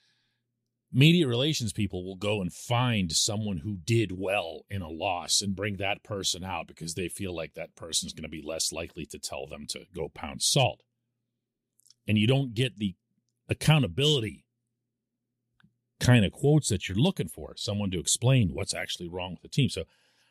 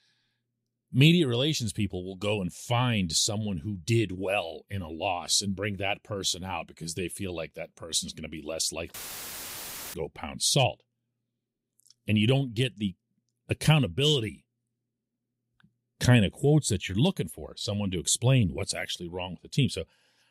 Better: first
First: none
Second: audio cutting out; filled with static; at 9 s for 1 s

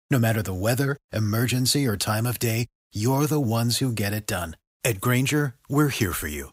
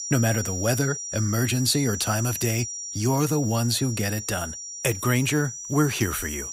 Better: first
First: none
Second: high-pitched whine; loud; throughout; 5.5 kHz, 7 dB below the speech

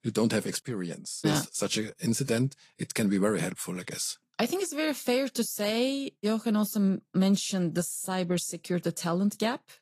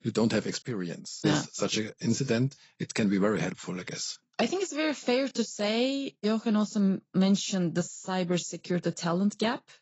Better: first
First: garbled, watery; slightly; nothing above 13 kHz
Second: garbled, watery; badly; nothing above 7.5 kHz

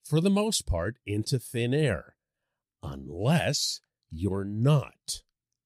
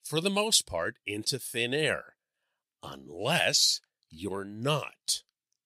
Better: first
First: none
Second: thin; somewhat; fading below 850 Hz

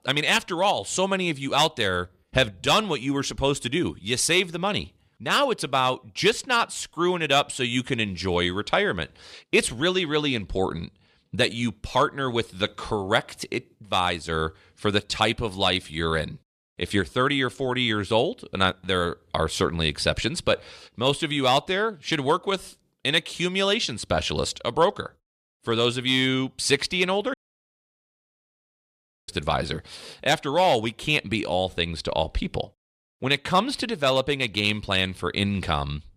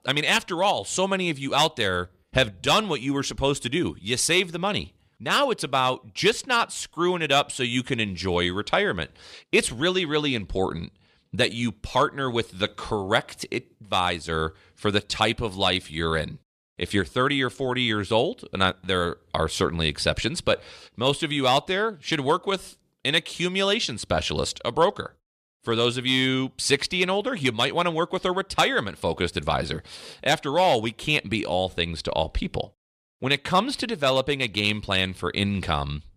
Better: second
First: audio cutting out; at 27 s for 2 s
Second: none

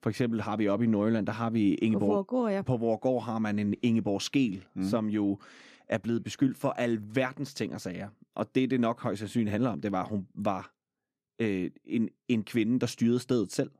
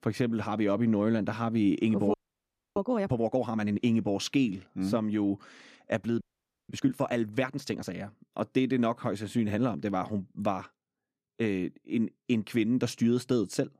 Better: first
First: none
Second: audio freezing; at 2 s for 0.5 s and at 6 s

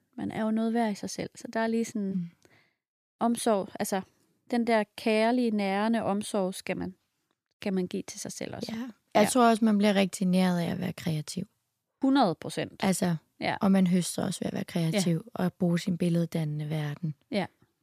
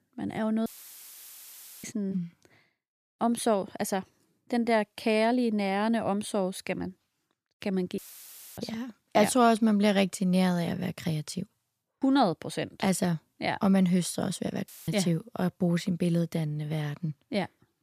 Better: first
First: none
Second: audio cutting out; filled with static; at 0.5 s for 1 s, at 8 s for 0.5 s and at 15 s

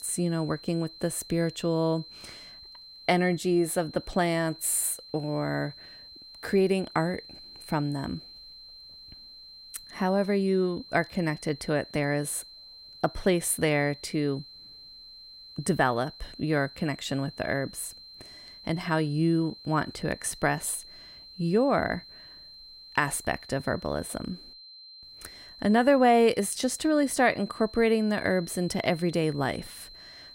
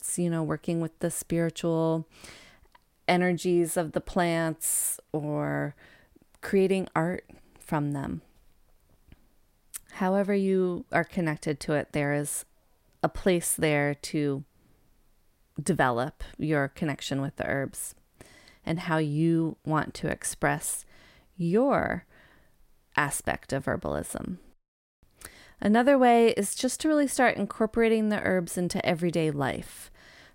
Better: second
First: high-pitched whine; noticeable; throughout; 4 kHz, 20 dB below the speech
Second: none

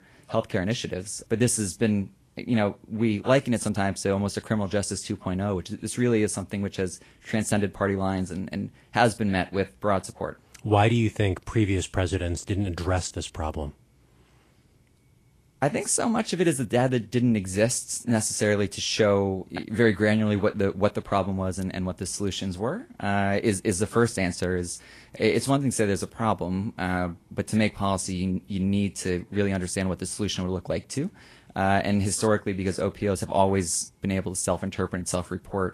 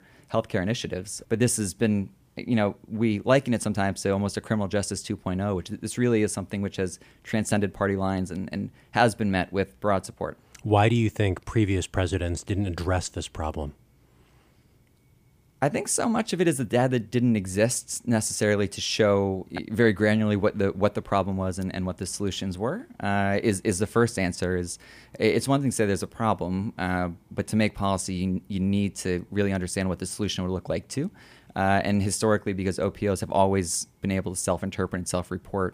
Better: second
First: garbled, watery; slightly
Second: none

